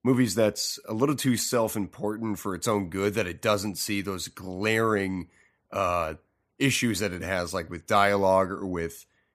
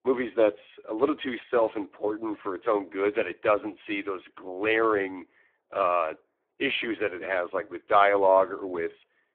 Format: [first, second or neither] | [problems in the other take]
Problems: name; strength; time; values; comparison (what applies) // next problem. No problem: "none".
first | phone-call audio; poor line